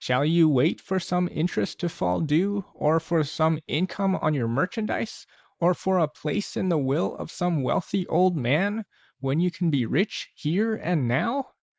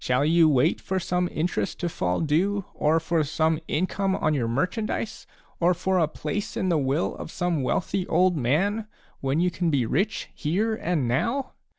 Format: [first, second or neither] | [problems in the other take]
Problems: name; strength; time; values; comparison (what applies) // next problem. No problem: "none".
second | noise reduction (neural mask model Resemble Enhance denoiser)